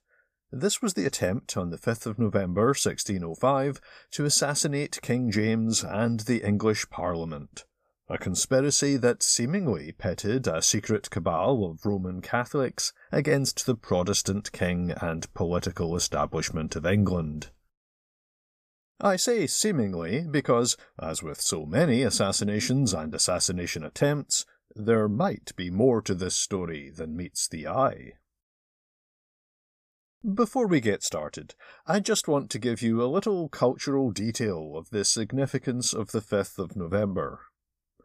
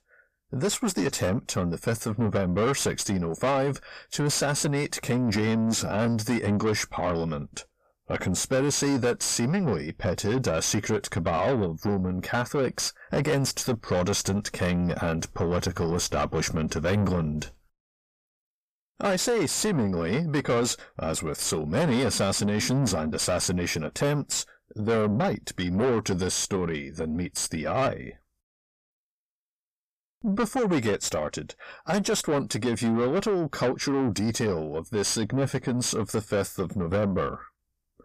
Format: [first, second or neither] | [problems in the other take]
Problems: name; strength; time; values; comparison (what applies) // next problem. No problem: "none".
first | distortion; heavy; 7 dB below the speech